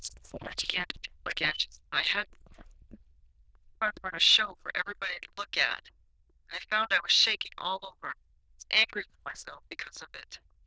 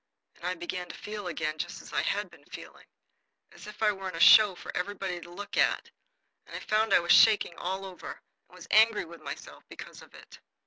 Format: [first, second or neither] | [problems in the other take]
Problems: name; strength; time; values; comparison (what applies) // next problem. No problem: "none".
second | noise reduction (neural diffusion model UNIVERSE++)